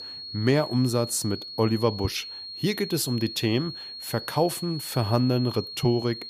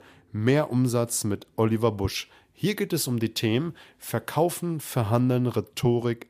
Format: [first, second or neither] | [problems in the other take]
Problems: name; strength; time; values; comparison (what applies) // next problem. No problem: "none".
second | high-pitched whine; loud; throughout; 4.5 kHz, 9 dB below the speech